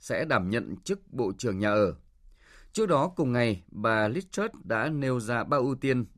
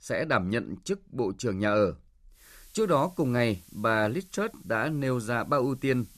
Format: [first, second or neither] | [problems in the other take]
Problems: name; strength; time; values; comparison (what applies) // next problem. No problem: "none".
first | hiss; faint; from 2.5 s on; 25 dB below the speech